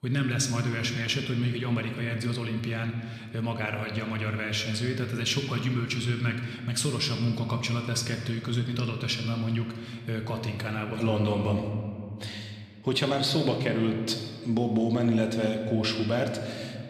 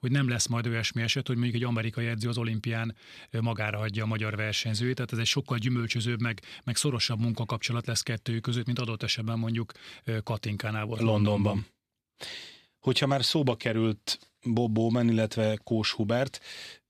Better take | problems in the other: second | room echo; slight; dies away in 1.8 s

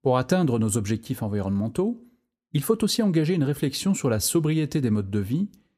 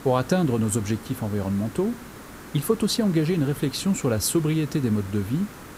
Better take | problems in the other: first | hiss; noticeable; throughout; 15 dB below the speech

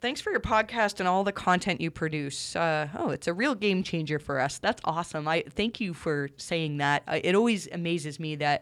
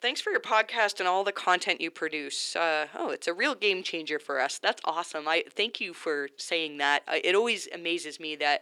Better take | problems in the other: first | thin; somewhat; fading below 350 Hz

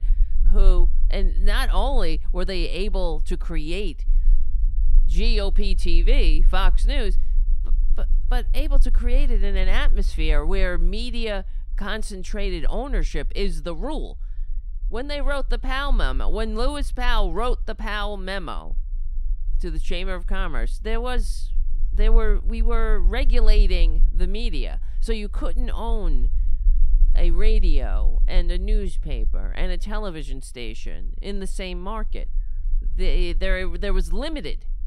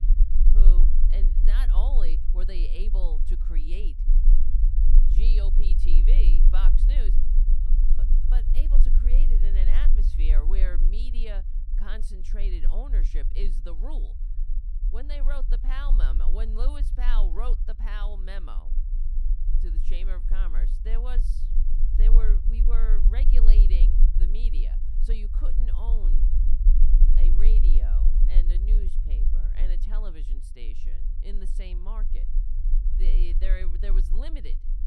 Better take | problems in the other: first | low rumble; loud; throughout; 7 dB below the speech; faint in the first

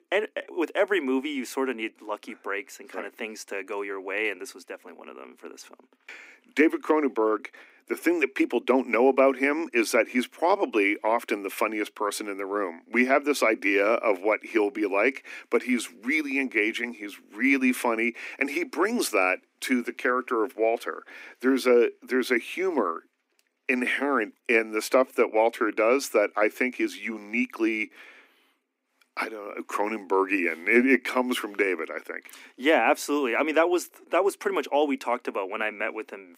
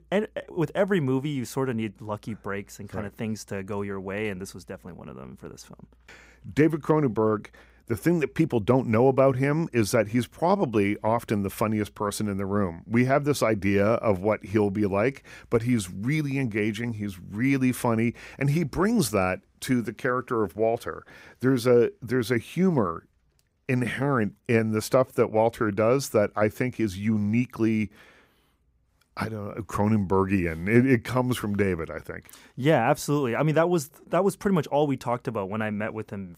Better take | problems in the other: second | thin; very slightly; fading below 250 Hz

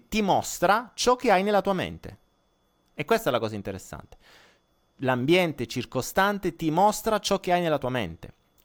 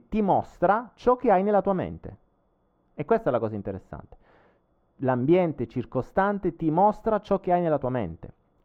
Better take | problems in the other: first | muffled; very; fading above 3 kHz

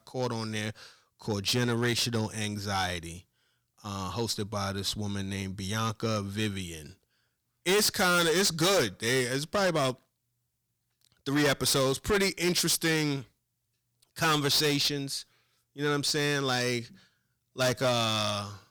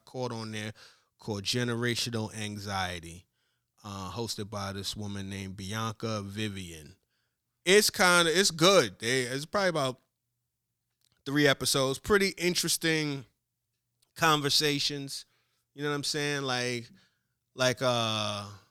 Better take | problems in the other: second | distortion; heavy; 7% of the sound clipped

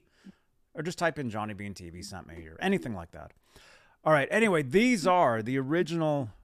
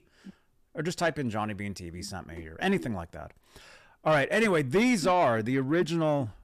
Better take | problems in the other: first | distortion; slight; 10 dB below the speech

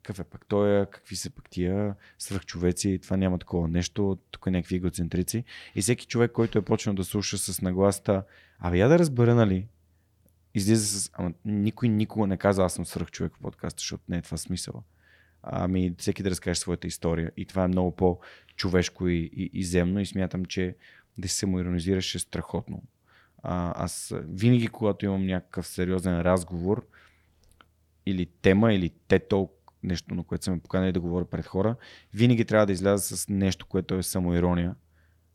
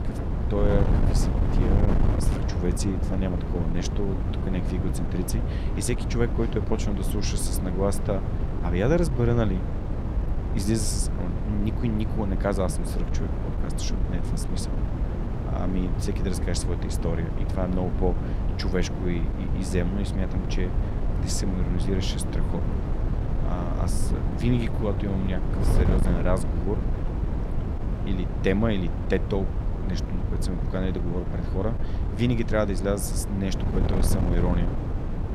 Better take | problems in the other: first | wind noise on the microphone; heavy; 5 dB below the speech

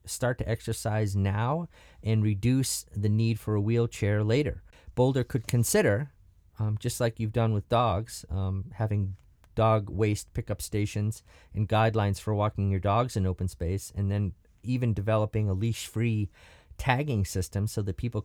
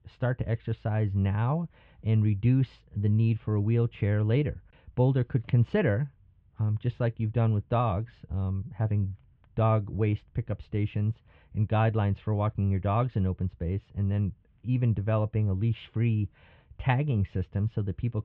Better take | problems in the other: first | muffled; very; fading above 3 kHz

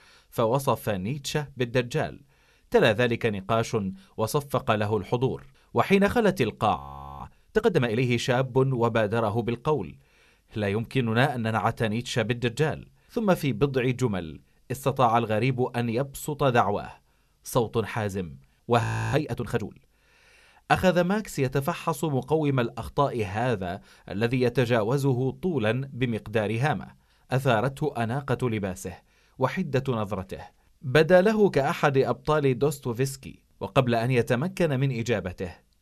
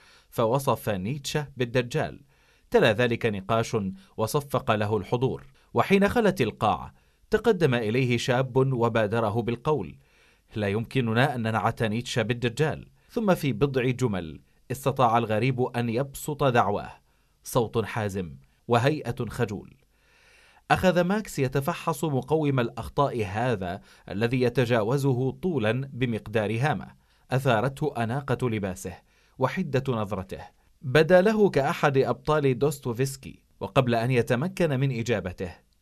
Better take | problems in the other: second | audio freezing; at 7 s and at 19 s

